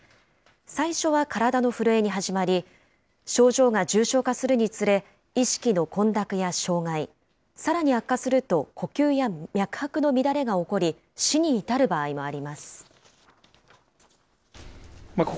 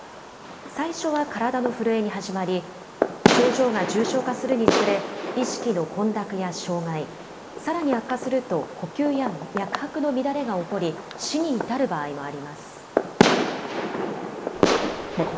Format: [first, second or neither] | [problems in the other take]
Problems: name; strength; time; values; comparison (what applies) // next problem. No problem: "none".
first | background sound (Fireworks); 1 dB below the speech // room echo; dies away in 2.9 s